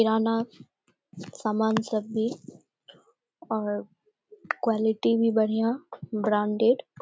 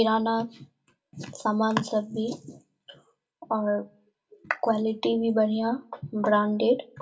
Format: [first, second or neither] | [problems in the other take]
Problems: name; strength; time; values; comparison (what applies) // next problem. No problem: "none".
first | room echo; dies away in 0.2 s